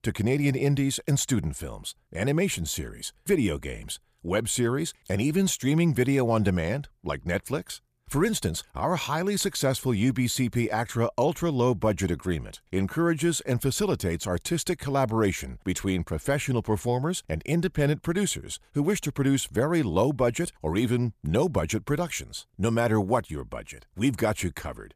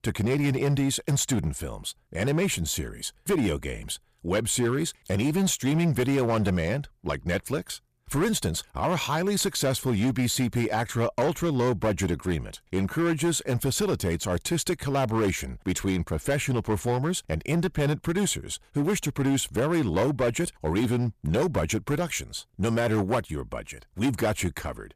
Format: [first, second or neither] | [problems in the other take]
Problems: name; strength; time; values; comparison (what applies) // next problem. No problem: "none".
first | distortion; slight; 10% of the sound clipped